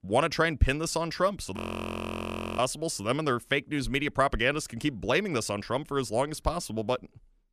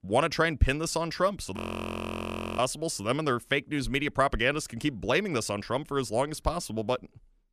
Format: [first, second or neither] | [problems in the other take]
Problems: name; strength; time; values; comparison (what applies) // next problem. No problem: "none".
neither | audio freezing; at 1.5 s for 1 s; the same in both